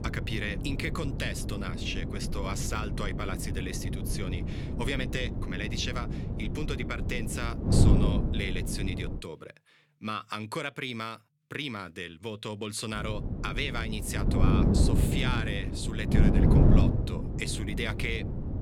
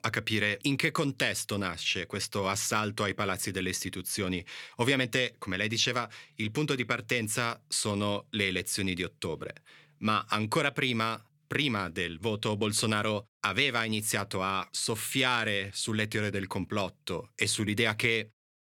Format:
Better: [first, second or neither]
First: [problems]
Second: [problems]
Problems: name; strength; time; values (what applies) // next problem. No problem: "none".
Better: second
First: wind noise on the microphone; heavy; until 9 s and from 13 s on; 3 dB below the speech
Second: none